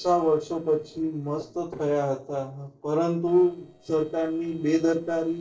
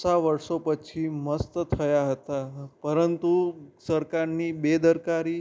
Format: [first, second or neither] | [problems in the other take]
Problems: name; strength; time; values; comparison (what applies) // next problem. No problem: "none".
second | noise reduction (neural separator model SepFormer DNS4)